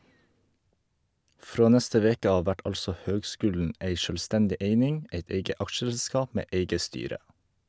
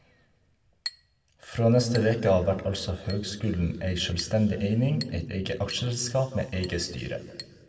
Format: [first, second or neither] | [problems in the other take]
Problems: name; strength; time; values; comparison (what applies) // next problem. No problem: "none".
first | background sound (Chink, clink); 19 dB below the speech // room echo; dies away in 1.3 s